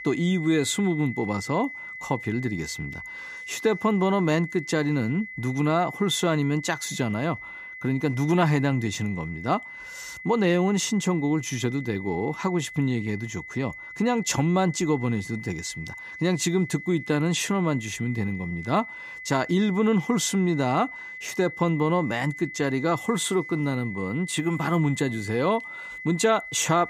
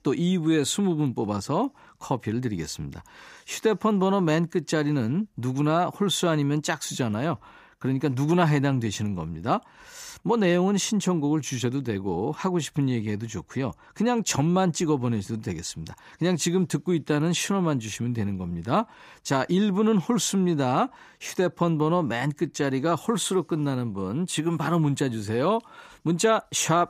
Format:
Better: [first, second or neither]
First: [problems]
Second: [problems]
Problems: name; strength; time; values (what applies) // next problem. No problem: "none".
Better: second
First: high-pitched whine; noticeable; throughout; 2 kHz, 10 dB below the speech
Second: none